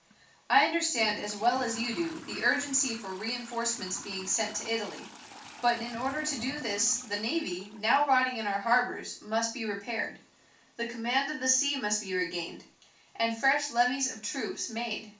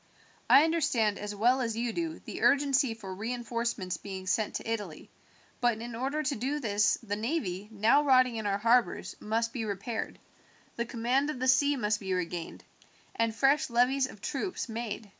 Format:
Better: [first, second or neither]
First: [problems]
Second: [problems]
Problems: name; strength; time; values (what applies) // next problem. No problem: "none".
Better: second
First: background sound (Trickle, dribble / Toilet flush); 19 dB below the speech // room echo; dies away in 0.3 s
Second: none